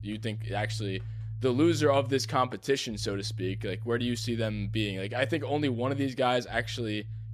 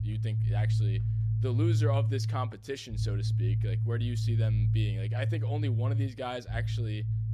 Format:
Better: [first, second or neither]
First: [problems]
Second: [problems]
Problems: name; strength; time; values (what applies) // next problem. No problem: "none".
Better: first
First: low rumble; faint; throughout; 20 dB below the speech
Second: low rumble; loud; throughout; 4 dB below the speech